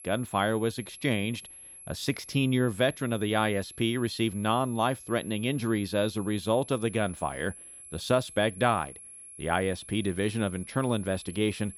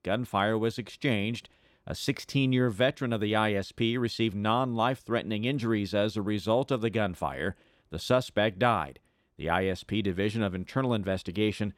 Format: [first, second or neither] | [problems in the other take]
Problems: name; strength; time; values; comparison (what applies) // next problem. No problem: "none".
second | high-pitched whine; noticeable; throughout; 11 kHz, 15 dB below the speech